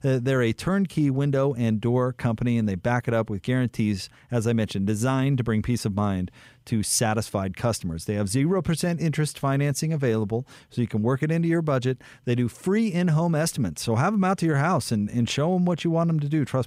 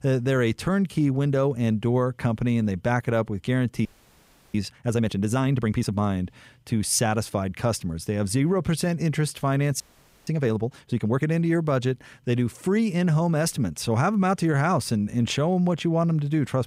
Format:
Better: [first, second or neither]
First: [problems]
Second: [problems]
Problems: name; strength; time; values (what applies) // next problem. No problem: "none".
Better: first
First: none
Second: audio freezing; at 4 s for 0.5 s and at 10 s